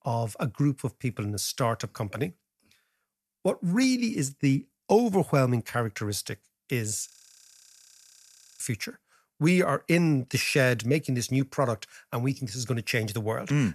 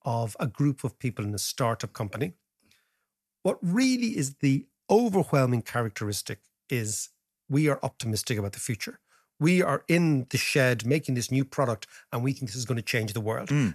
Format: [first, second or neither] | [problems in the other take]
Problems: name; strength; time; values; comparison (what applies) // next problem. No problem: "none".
second | audio freezing; at 7 s for 1.5 s